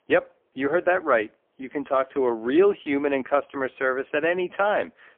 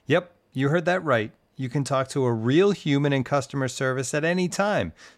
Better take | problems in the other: second | phone-call audio; poor line

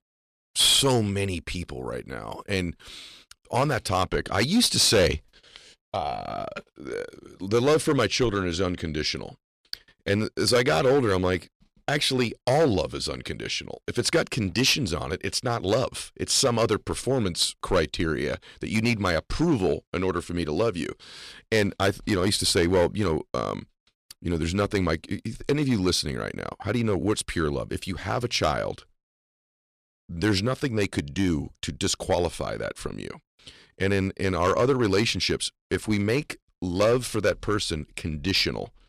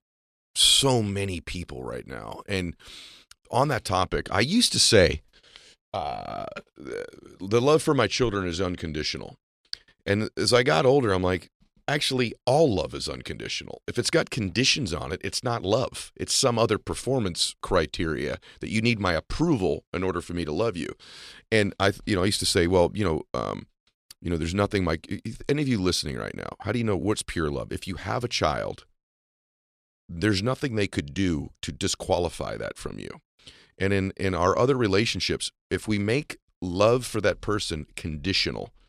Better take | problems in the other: second | distortion; slight; 3% of the sound clipped

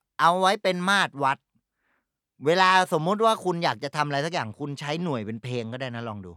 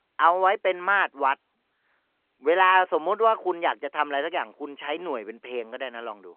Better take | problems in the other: first | phone-call audio

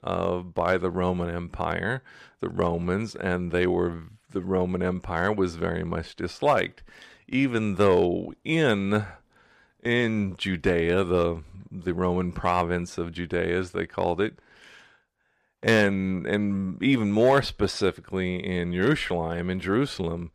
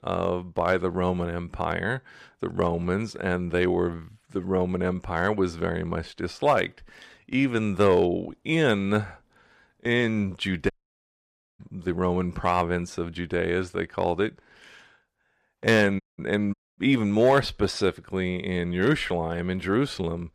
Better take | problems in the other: first | audio cutting out; at 11 s for 1 s, at 16 s and at 17 s

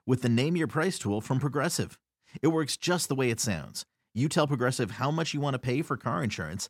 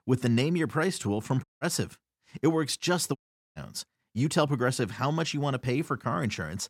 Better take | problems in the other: first | audio cutting out; at 1.5 s and at 3 s

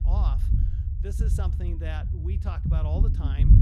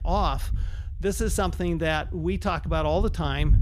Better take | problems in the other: second | low rumble; loud; throughout; 1 dB below the speech; faint in the second

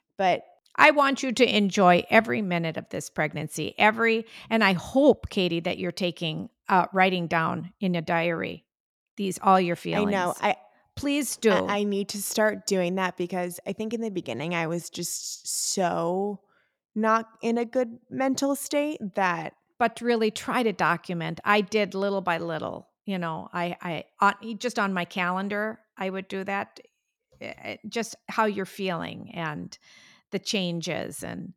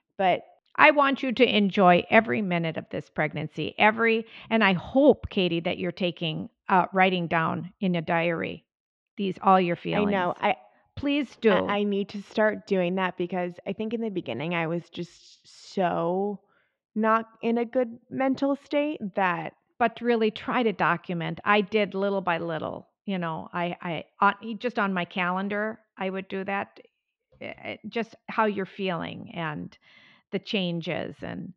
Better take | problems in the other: first | muffled; very; fading above 3 kHz

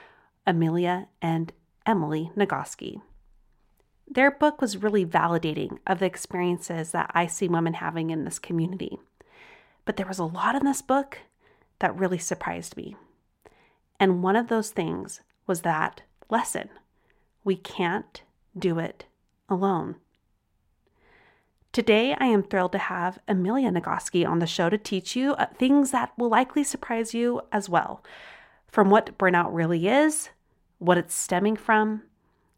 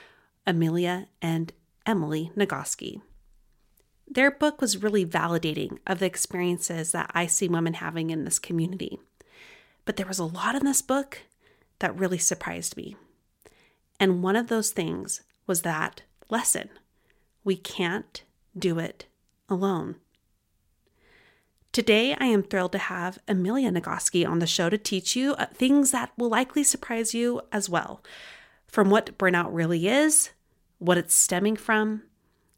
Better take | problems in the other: second | muffled; slightly; fading above 3.5 kHz

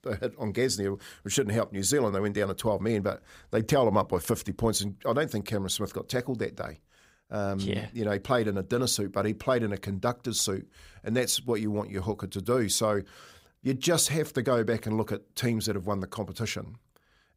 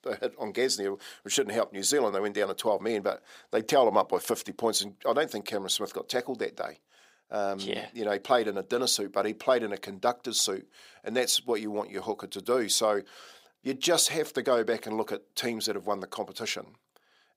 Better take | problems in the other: first | thin; somewhat; fading below 350 Hz

